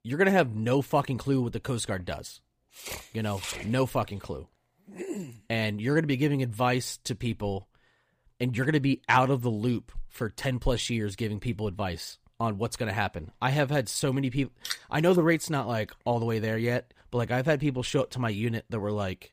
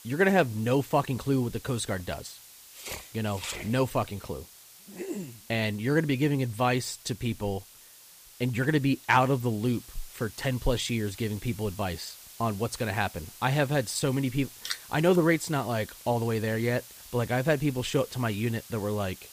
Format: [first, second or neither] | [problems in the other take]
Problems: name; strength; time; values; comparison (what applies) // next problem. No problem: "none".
first | hiss; noticeable; throughout; 20 dB below the speech